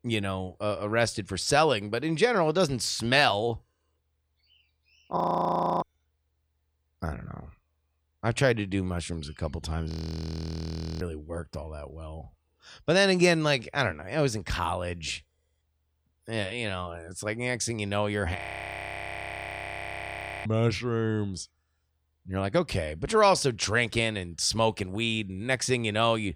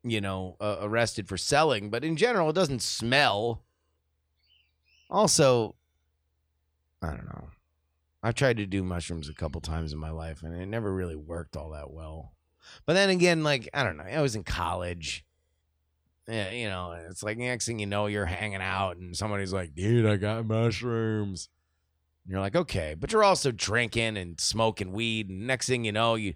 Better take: second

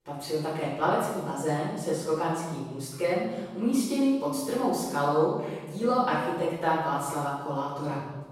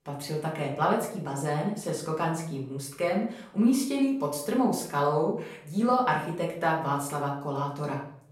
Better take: second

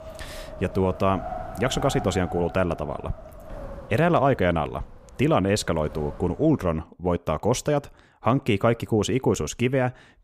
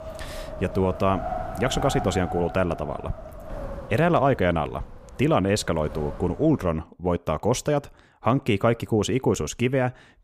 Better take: first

